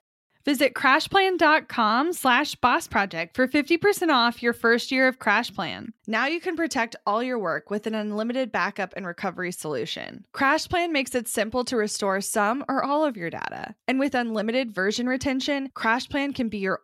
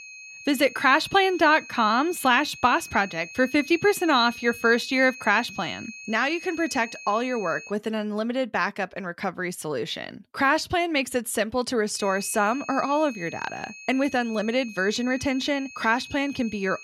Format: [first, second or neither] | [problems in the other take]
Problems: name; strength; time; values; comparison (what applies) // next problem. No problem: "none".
first | high-pitched whine; noticeable; until 7.5 s and from 12 s on; 2.5 kHz, 15 dB below the speech